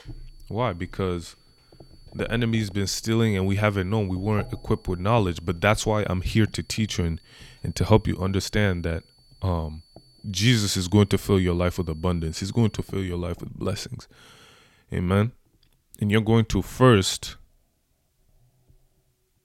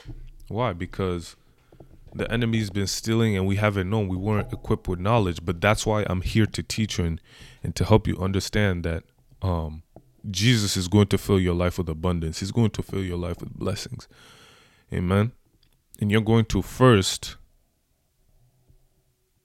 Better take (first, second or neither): second